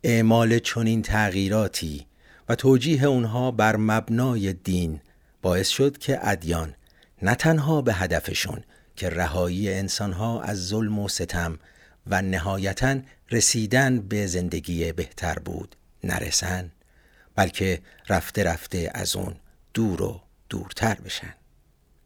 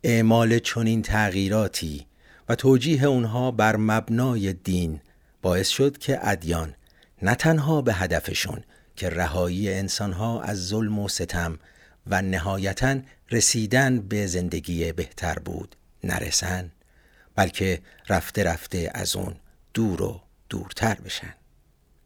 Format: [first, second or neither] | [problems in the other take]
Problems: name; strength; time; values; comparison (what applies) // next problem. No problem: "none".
neither | none